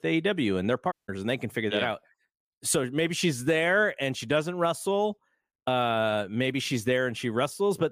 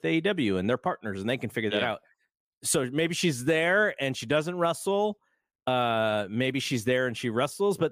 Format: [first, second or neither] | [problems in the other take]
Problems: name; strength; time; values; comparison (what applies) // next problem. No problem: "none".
second | audio cutting out; at 1 s